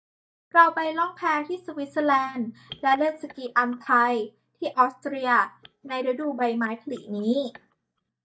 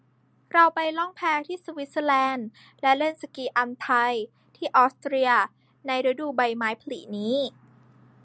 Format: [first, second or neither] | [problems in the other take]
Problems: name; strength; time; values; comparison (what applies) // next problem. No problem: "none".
second | noise reduction (neural mask model DeepFilterNet 3)